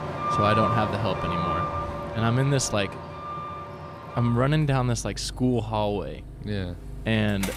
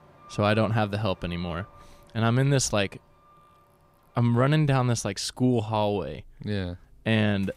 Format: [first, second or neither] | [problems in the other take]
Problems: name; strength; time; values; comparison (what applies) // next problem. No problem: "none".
second | traffic noise; loud; throughout; 5 dB below the speech; faint in the second